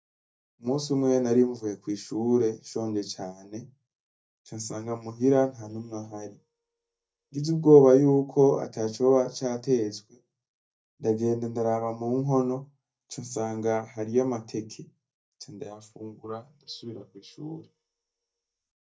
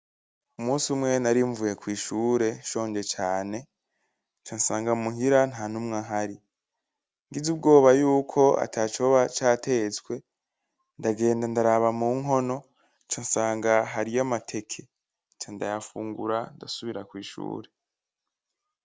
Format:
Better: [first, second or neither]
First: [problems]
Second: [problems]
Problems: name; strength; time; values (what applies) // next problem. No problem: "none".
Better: second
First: noise reduction (neural mask model DeepFilterNet 3)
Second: none